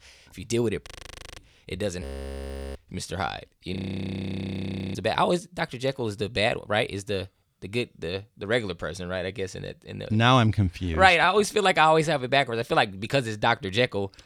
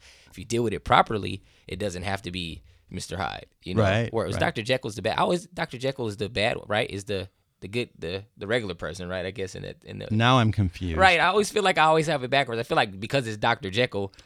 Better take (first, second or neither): second